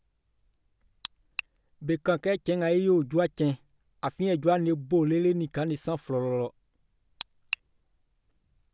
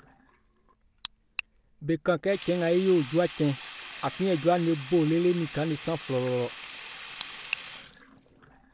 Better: first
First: none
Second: background sound (Sink (filling or washing)); 16 dB below the speech

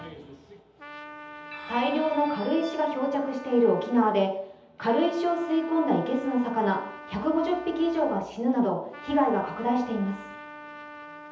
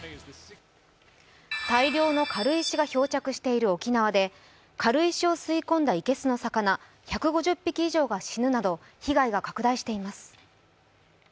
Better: second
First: background sound (Trumpet); 16 dB below the speech // room echo; dies away in 0.8 s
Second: none

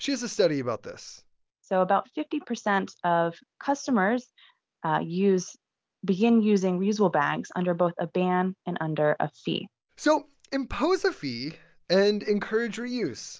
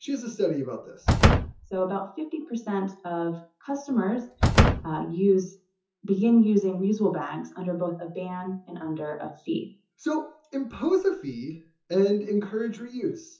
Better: first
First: none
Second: noise reduction (classical method WPE with log-MMSE)

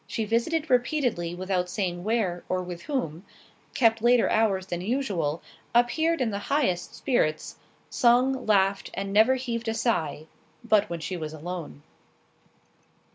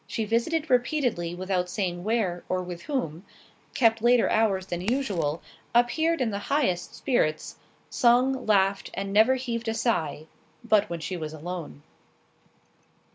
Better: first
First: none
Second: background sound (Crack); 16 dB below the speech

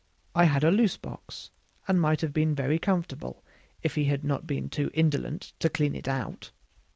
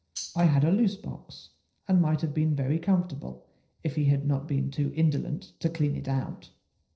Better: first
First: none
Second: noise reduction (neural separator model SepFormer DNS4)

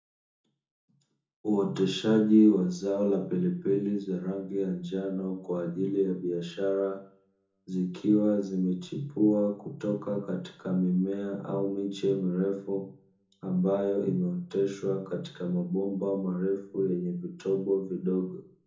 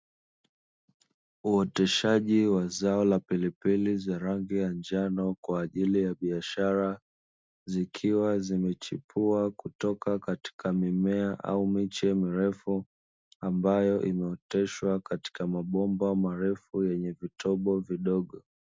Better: second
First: room echo; dies away in 0.6 s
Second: none

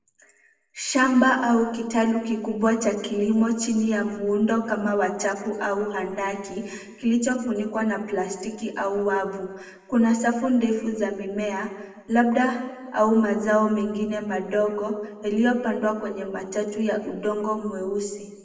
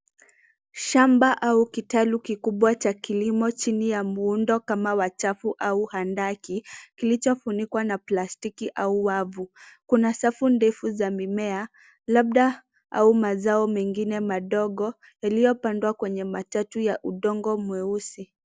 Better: second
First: room echo; dies away in 1.2 s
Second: none

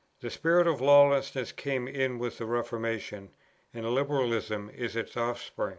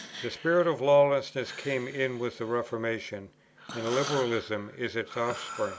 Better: first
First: none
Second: background sound (Breathing); 14 dB below the speech

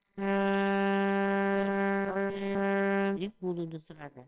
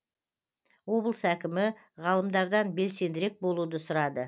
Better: second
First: noise reduction (neural separator model SepFormer WHAMR!)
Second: none

